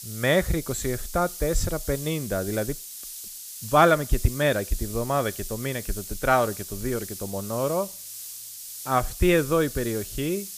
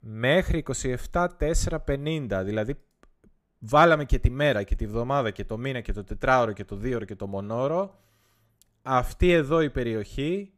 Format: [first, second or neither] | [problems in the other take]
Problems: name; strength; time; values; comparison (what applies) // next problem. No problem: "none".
second | hiss; noticeable; throughout; 10 dB below the speech